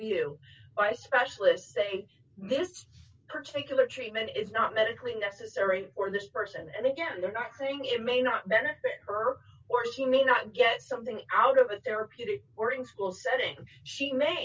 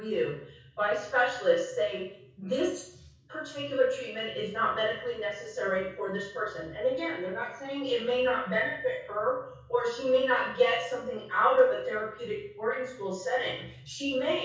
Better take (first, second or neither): first